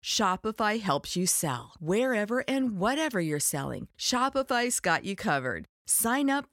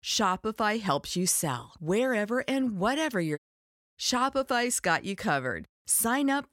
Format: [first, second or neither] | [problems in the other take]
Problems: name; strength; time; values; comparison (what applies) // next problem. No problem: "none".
first | audio cutting out; at 3.5 s for 0.5 s